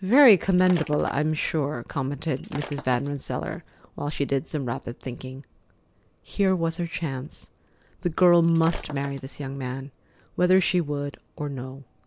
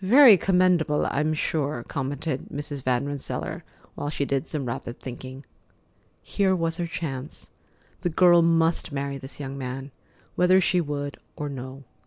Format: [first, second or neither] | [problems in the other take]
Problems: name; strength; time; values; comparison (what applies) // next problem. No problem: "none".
second | background sound (Shatter); 17 dB below the speech